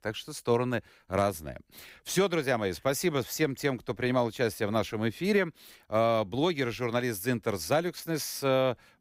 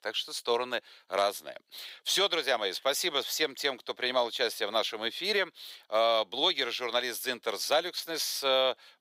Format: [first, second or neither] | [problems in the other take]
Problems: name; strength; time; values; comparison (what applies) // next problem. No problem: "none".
first | thin; very; fading below 600 Hz